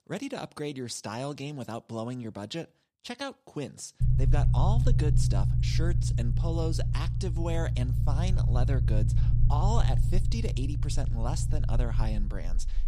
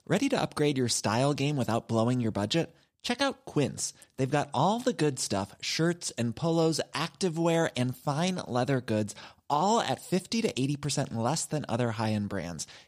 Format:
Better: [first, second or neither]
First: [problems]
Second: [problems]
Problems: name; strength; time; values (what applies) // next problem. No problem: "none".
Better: second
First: low rumble; loud; from 4 s on; 4 dB below the speech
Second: none